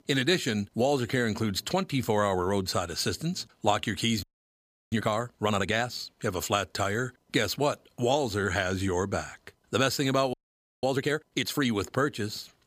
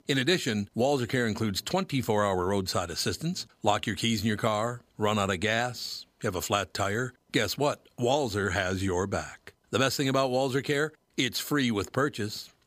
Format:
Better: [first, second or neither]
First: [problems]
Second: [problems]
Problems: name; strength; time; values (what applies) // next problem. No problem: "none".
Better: second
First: audio freezing; at 4 s for 0.5 s and at 10 s for 0.5 s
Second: none